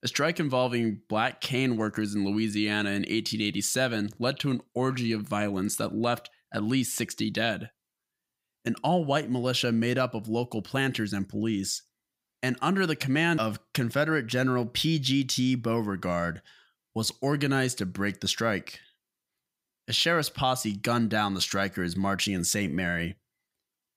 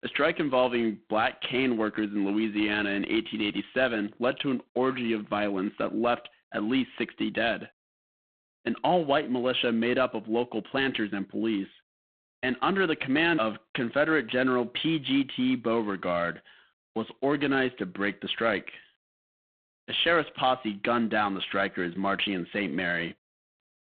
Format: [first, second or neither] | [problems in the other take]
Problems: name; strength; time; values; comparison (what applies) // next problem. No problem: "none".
first | phone-call audio; poor line